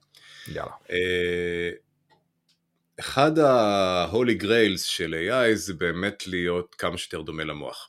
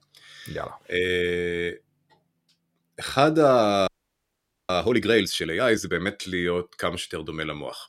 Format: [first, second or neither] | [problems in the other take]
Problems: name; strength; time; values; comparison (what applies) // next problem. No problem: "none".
first | audio freezing; at 4 s for 1 s